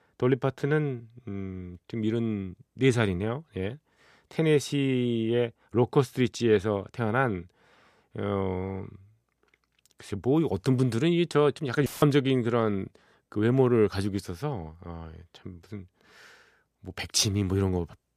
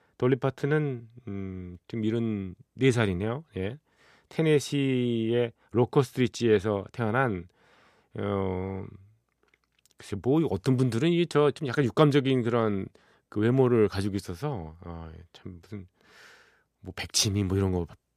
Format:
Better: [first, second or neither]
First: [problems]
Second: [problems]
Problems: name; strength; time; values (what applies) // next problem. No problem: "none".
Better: second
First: audio cutting out; filled with static; at 12 s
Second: none